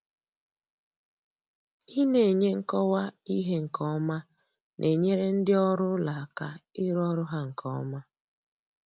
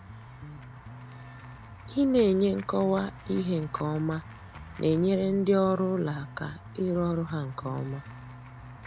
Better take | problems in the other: first | background sound (Bass guitar + Walk, footsteps / Run / Bell); 15 dB below the speech

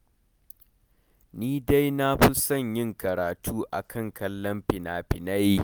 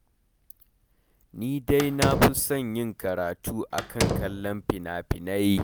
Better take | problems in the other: first | background sound (Slam); 3 dB below the speech

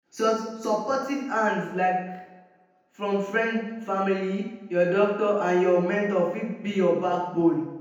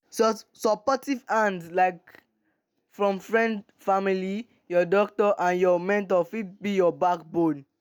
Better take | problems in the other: second | room echo; dies away in 0.9 s

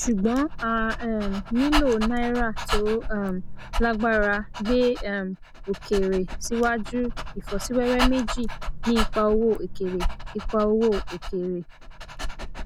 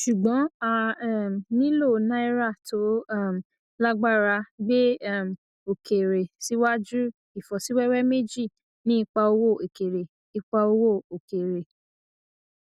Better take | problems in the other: second | background sound (Dog); 4 dB below the speech

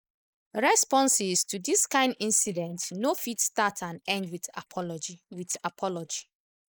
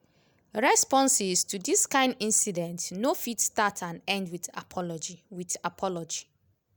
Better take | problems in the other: second | noise reduction (neural mask model Resemble Enhance denoiser)

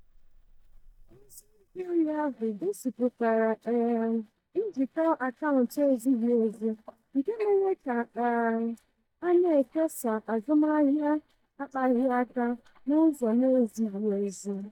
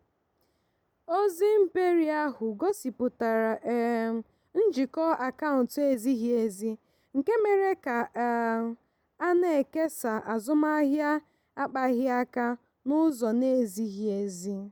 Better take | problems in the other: second | noise reduction (neural mask model DeepFilterNet 3)

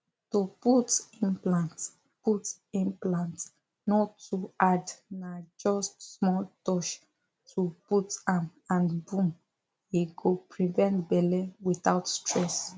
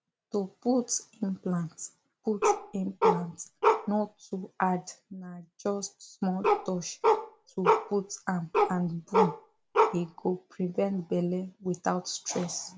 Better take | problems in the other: first | background sound (Bark); 4 dB above the speech

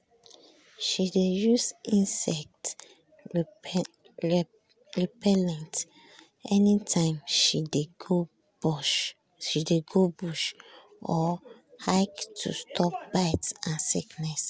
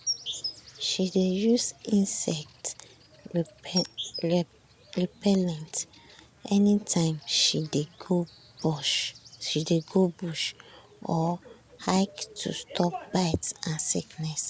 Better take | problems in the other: first | background sound (Insect); 16 dB below the speech

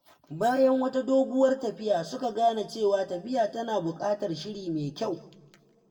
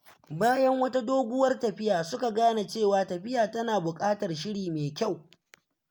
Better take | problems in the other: second | room echo; dies away in 0.9 s

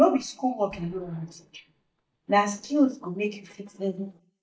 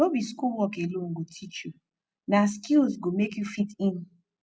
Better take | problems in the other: second | noise reduction (neural mask model DeepFilterNet 3)

